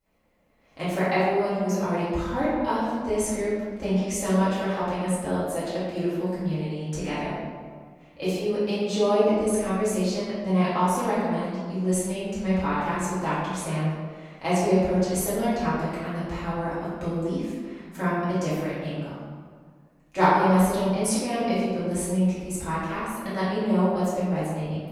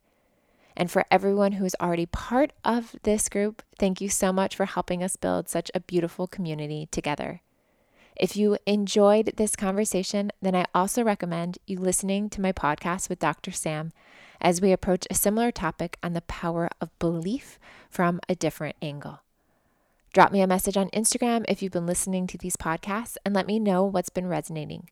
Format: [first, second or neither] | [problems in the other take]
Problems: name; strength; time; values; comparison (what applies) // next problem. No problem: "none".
second | room echo; strong; dies away in 1.5 s // off-mic speech; far